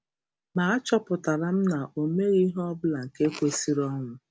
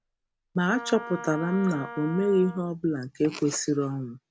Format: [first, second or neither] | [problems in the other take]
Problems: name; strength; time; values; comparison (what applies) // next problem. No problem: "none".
first | background sound (Wind instrument, woodwind instrument); 13 dB below the speech